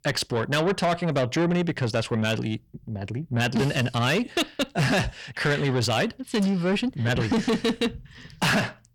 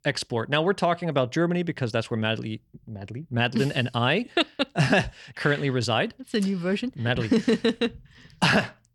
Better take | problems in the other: second | distortion; heavy; 7 dB below the speech

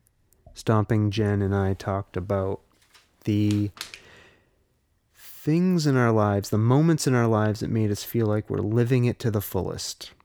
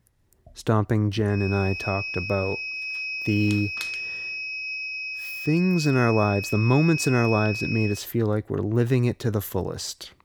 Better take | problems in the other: first | high-pitched whine; loud; from 1.5 to 8 s; 2.5 kHz, 5 dB below the speech

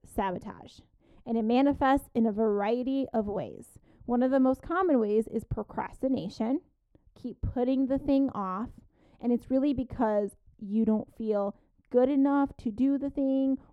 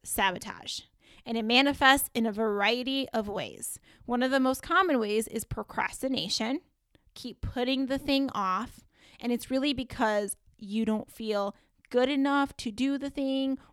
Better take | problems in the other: second | muffled; very; fading above 1.5 kHz

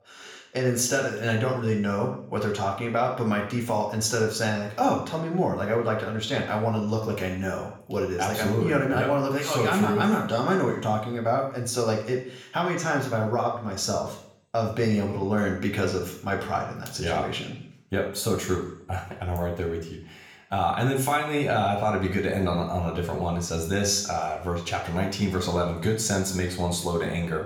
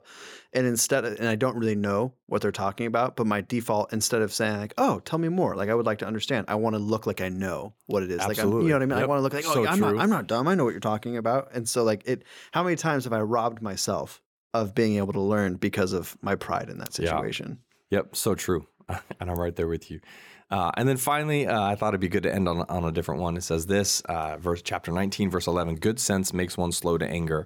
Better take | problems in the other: second | room echo; noticeable; dies away in 0.6 s // off-mic speech; somewhat distant

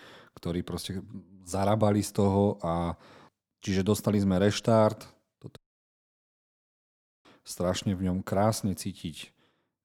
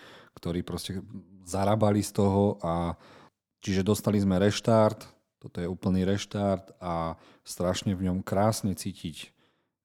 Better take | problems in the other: second | audio cutting out; at 5.5 s for 1.5 s

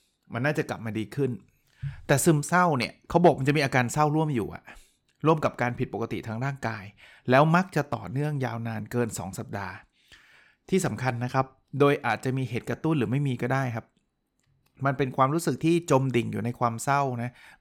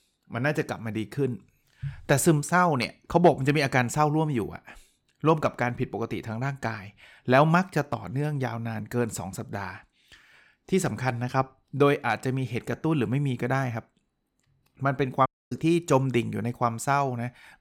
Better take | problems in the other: first | audio cutting out; at 15 s

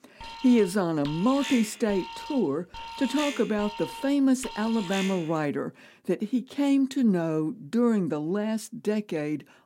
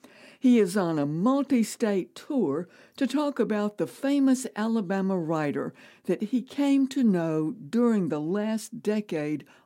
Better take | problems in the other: second | alarm; noticeable; until 5.5 s; peak 7 dB below the speech

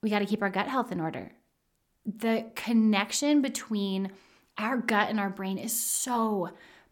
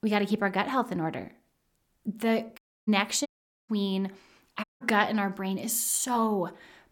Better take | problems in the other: first | audio cutting out; at 2.5 s, at 3.5 s and at 4.5 s

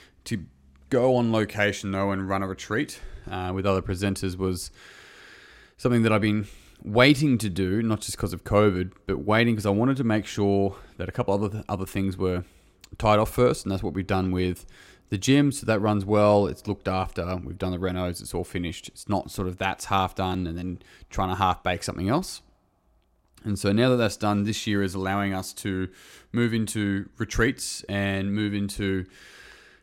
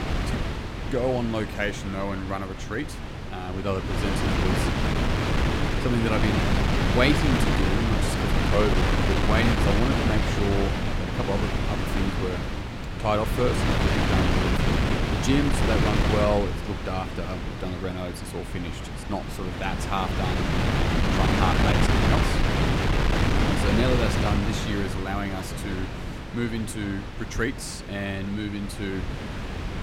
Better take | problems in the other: first | wind noise on the microphone; heavy; 2 dB above the speech

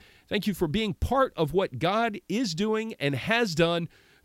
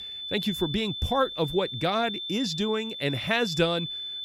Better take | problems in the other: first | high-pitched whine; loud; throughout; 3.5 kHz, 5 dB below the speech

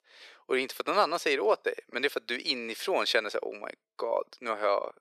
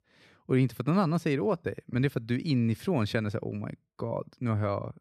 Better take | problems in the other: second | thin; very; fading below 450 Hz

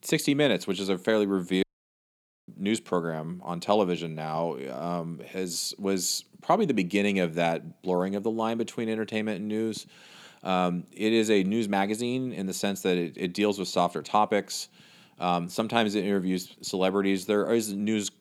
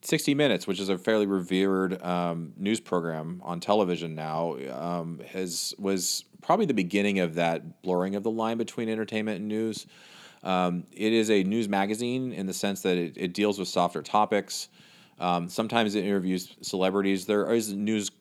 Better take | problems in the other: second | audio cutting out; at 1.5 s for 1 s

